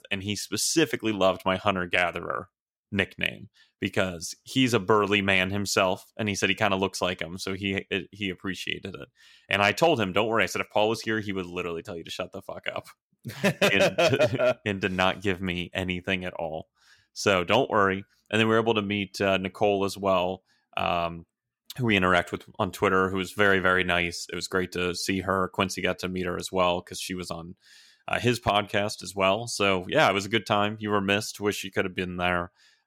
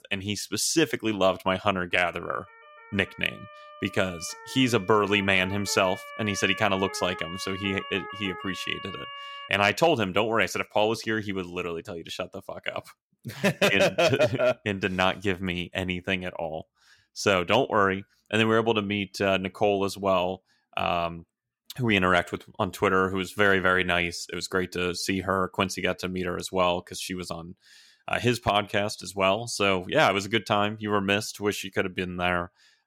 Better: first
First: none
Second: siren; faint; from 2 to 9.5 s; peak 10 dB below the speech

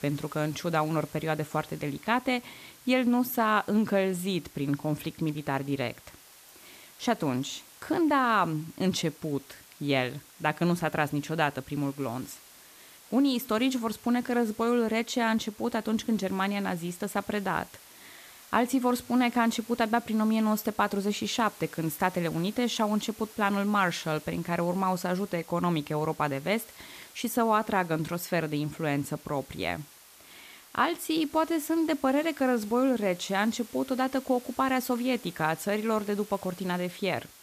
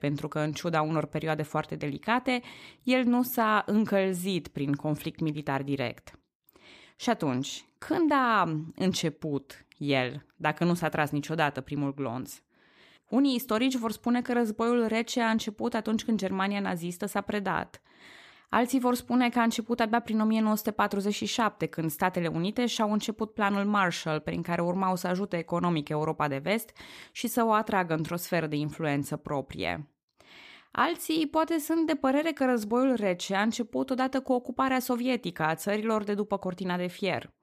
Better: second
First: hiss; faint; throughout; 20 dB below the speech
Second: none

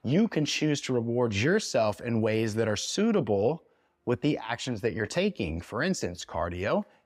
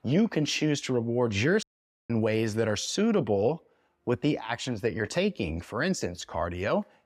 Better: first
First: none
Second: audio cutting out; at 1.5 s

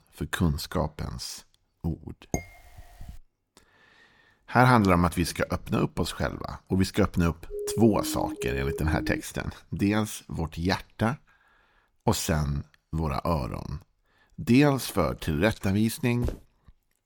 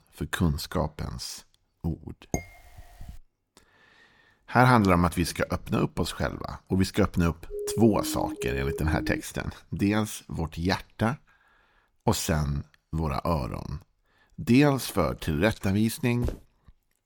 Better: neither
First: clattering dishes; noticeable; at 2.5 s; peak 8 dB below the speech // siren; noticeable; from 7.5 to 9 s; peak 7 dB below the speech // footsteps; noticeable; at 16 s; peak 10 dB below the speech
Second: clattering dishes; noticeable; at 2.5 s; peak 8 dB below the speech // siren; noticeable; from 7.5 to 9 s; peak 7 dB below the speech // footsteps; noticeable; at 16 s; peak 10 dB below the speech

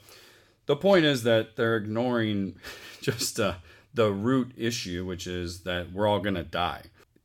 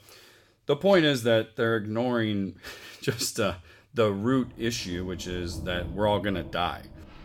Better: first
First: none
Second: rain or running water; noticeable; from 4.5 s on; 15 dB below the speech

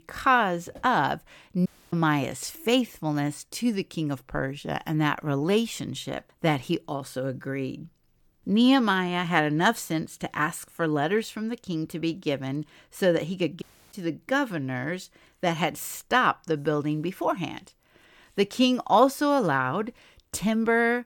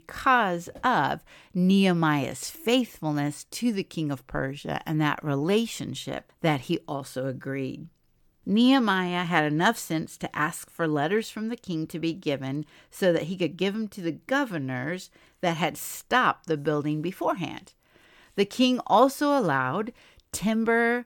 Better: second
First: audio cutting out; at 1.5 s and at 14 s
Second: none

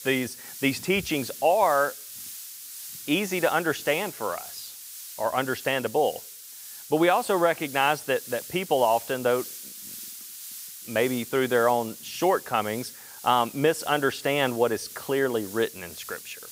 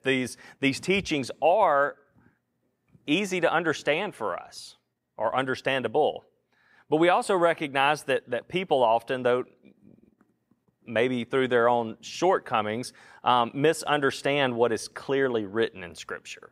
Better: second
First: hiss; noticeable; throughout; 15 dB below the speech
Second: none

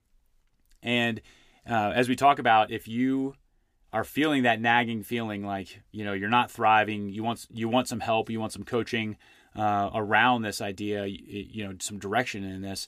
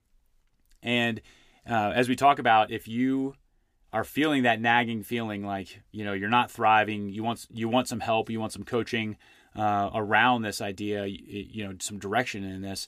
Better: neither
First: none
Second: none

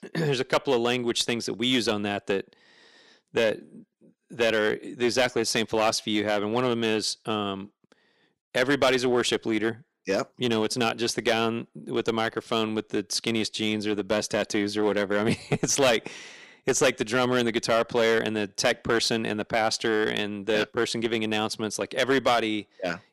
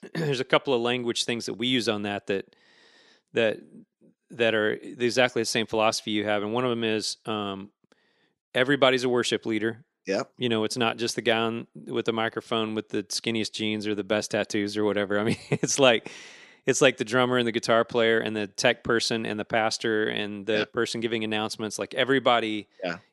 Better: second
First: distortion; slight; 4% of the sound clipped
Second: none

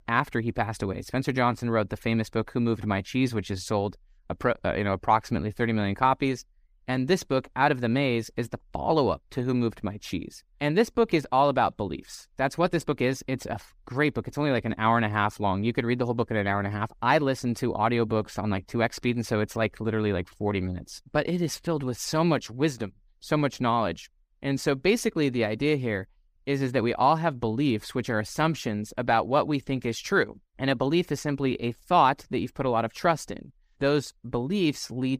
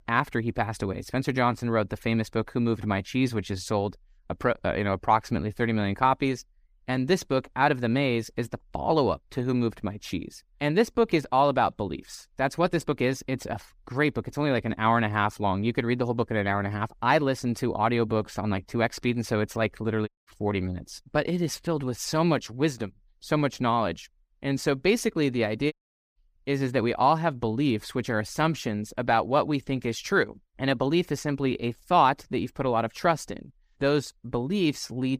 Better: first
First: none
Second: audio cutting out; at 20 s and at 26 s

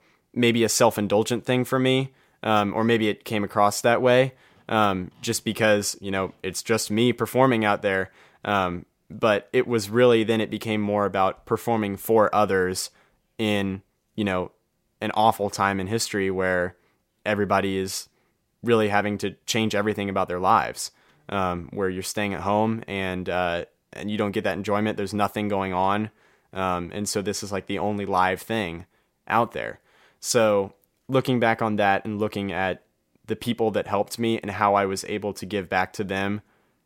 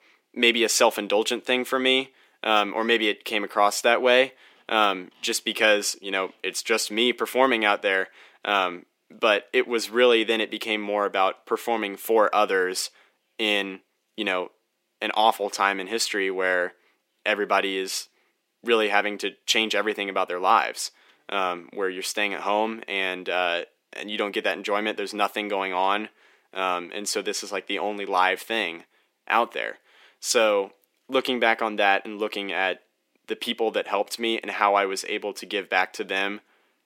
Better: first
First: none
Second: thin; somewhat; fading below 250 Hz

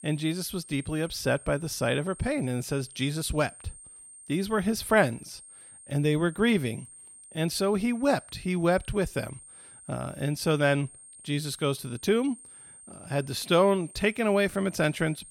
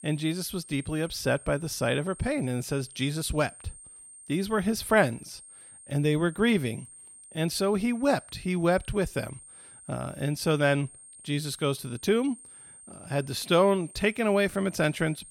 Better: neither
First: high-pitched whine; noticeable; throughout; 8.5 kHz, 20 dB below the speech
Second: high-pitched whine; noticeable; throughout; 8.5 kHz, 20 dB below the speech

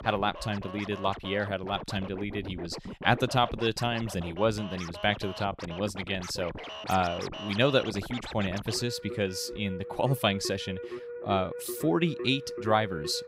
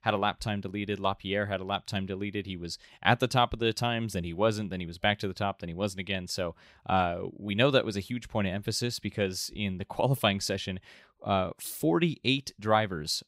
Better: second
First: background music; noticeable; throughout; 10 dB below the speech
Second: none

